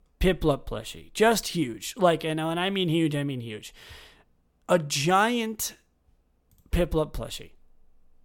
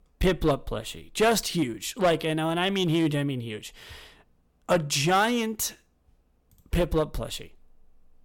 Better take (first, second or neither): first